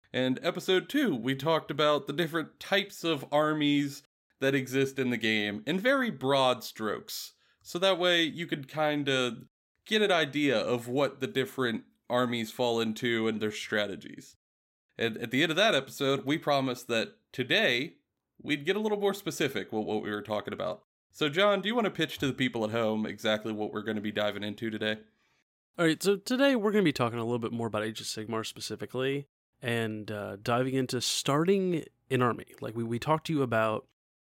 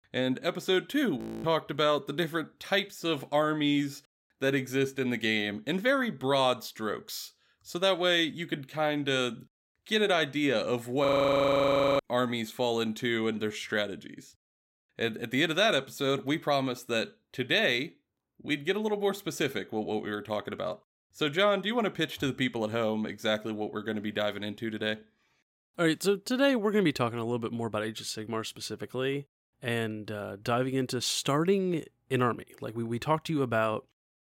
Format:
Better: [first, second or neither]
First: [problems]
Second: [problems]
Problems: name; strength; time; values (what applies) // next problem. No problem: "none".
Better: first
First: none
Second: audio freezing; at 1 s and at 11 s for 1 s